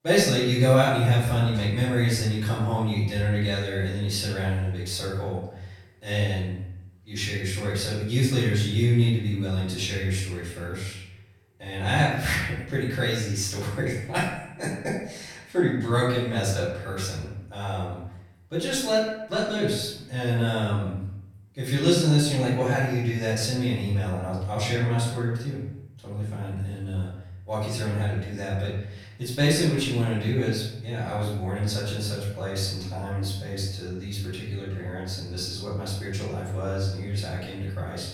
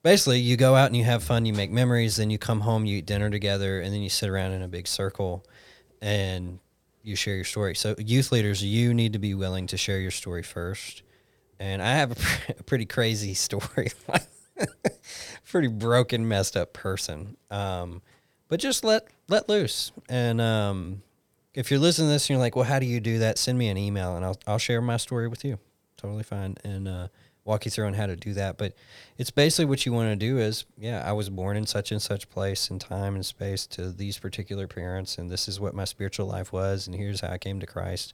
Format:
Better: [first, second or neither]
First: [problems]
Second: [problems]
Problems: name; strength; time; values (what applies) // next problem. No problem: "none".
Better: second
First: off-mic speech; far // room echo; noticeable; dies away in 0.8 s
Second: none